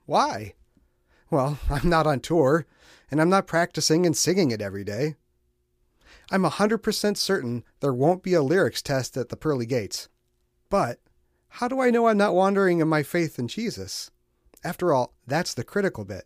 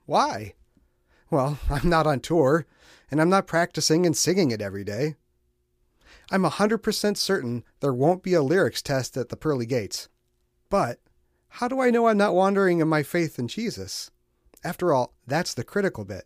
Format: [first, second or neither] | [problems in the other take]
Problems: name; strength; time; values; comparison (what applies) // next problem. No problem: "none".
neither | none